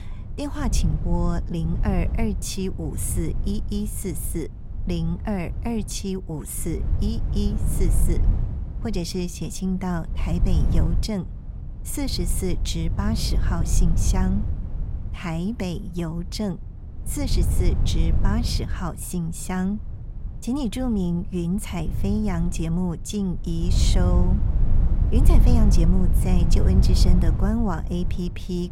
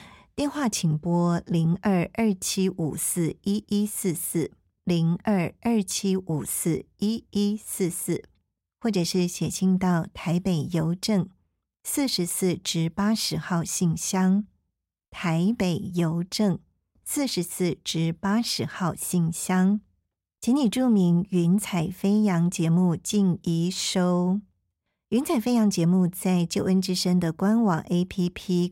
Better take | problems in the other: second | wind noise on the microphone; heavy; 9 dB below the speech

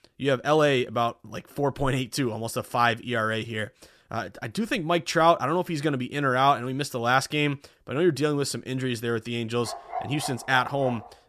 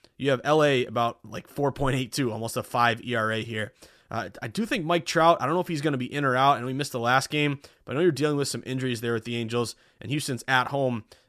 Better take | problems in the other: second | dog barking; noticeable; from 9.5 s on; peak 9 dB below the speech

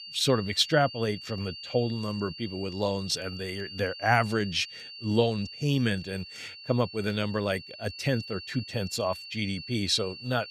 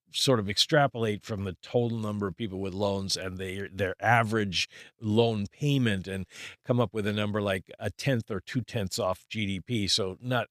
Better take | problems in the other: second | high-pitched whine; noticeable; throughout; 4.5 kHz, 10 dB below the speech

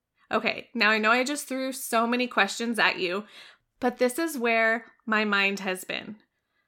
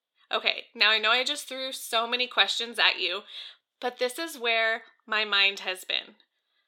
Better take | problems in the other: first | thin; somewhat; fading below 500 Hz

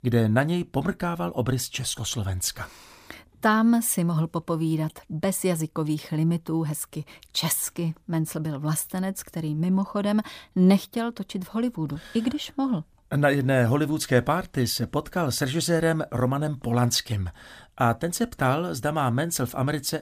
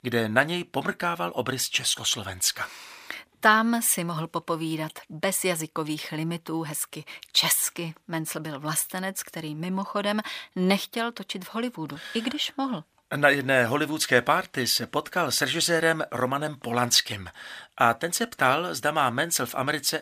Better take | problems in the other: first | thin; somewhat; fading below 1 kHz

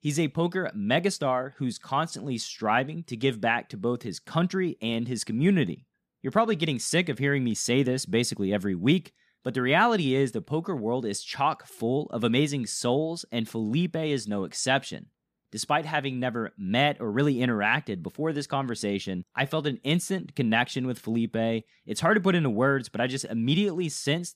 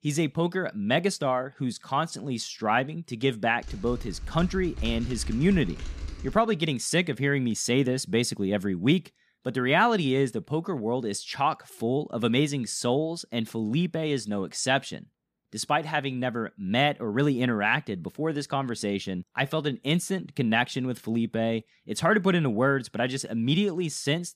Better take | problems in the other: first | keyboard typing; noticeable; from 3.5 to 6.5 s; peak 9 dB below the speech

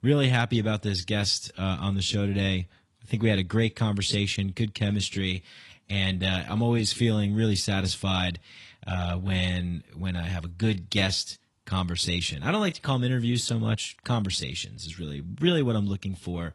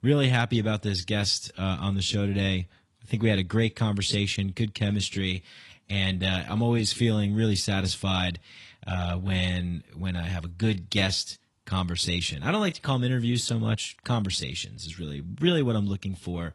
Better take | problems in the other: neither | garbled, watery; slightly; nothing above 11 kHz; the same in both

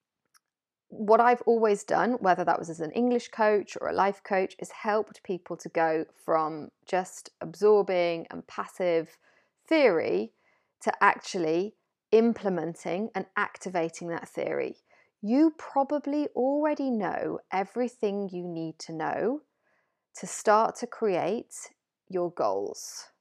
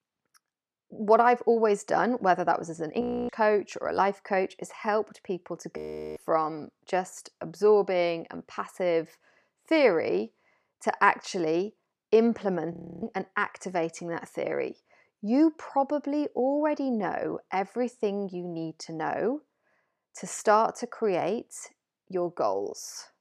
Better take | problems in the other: first | audio freezing; at 3 s, at 6 s and at 13 s

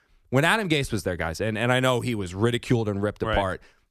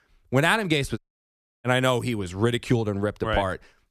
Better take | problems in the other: first | audio cutting out; at 1 s for 0.5 s

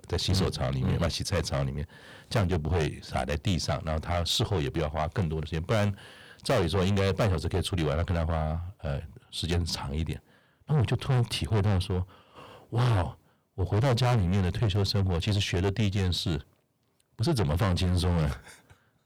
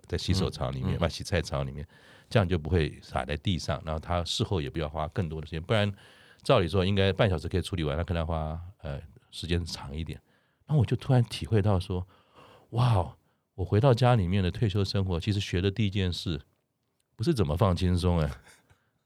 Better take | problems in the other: second | distortion; heavy; 6 dB below the speech

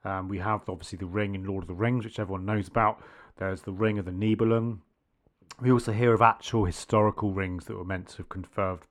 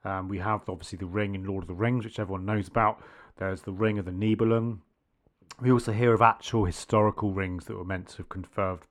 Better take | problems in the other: neither | muffled; slightly; fading above 3 kHz; the same in both

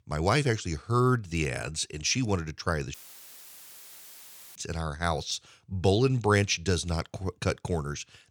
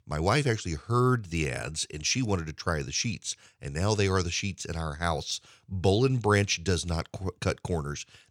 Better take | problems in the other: second | audio cutting out; filled with static; at 3 s for 1.5 s

